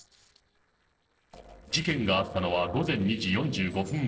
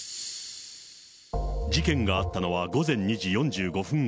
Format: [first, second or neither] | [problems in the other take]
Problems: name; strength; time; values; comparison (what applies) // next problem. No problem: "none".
second | noise reduction (neural separator model SepFormer DNS4)